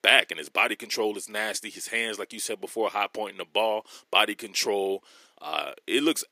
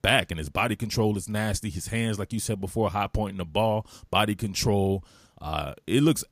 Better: second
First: thin; somewhat; fading below 350 Hz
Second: none

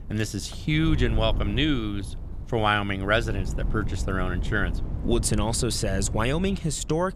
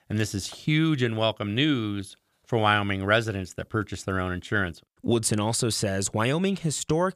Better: second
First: wind noise on the microphone; occasional gusts; 15 dB below the speech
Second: none

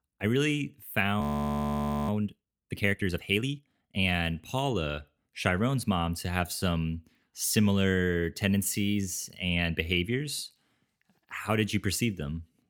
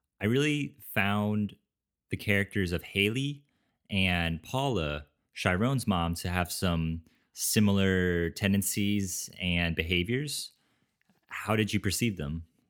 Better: second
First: audio freezing; at 1 s for 1 s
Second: none

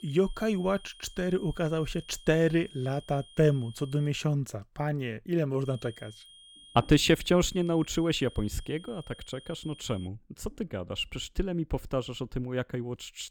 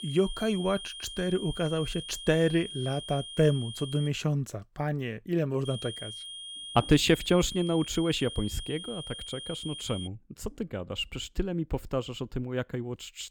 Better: first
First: high-pitched whine; faint; until 4 s and from 5.5 to 10 s; 3 kHz, 20 dB below the speech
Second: high-pitched whine; loud; until 4 s and from 5.5 to 10 s; 3 kHz, 9 dB below the speech

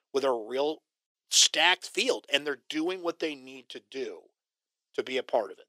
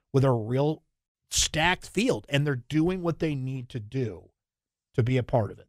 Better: second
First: thin; very; fading below 350 Hz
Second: none

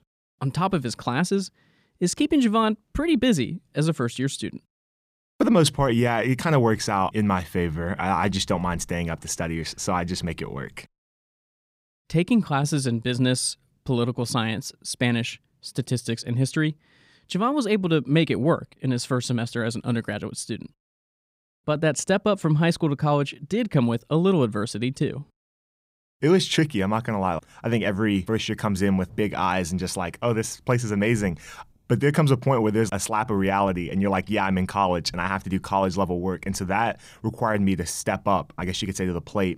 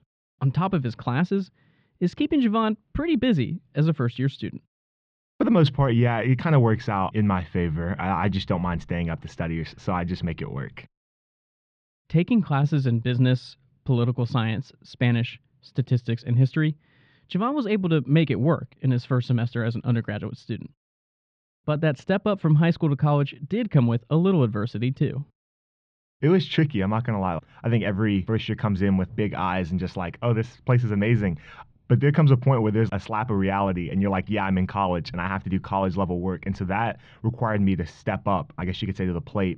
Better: first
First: none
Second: muffled; slightly; fading above 3.5 kHz

